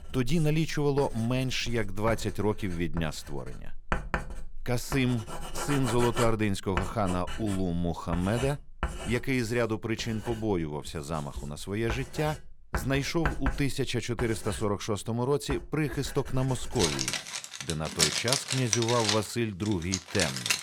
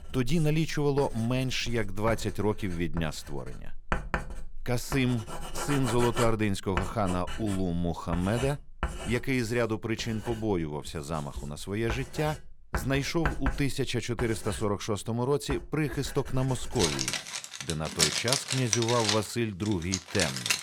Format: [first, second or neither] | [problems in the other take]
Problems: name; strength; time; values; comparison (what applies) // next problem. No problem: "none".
neither | household noises; loud; throughout; 4 dB below the speech; the same in both